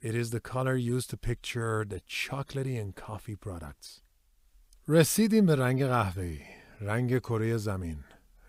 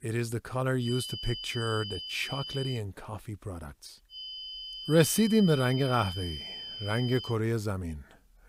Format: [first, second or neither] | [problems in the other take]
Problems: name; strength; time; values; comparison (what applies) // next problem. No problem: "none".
first | high-pitched whine; loud; from 1 to 3 s and from 4 to 7.5 s; 3 kHz, 9 dB below the speech